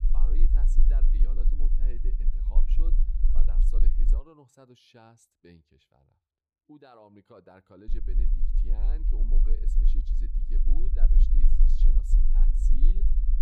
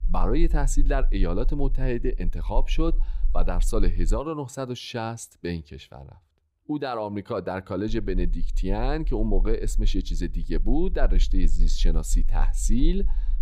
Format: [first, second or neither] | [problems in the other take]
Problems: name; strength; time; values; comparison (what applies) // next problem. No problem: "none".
second | low rumble; loud; until 4 s and from 8 s on; 1 dB below the speech; faint in the second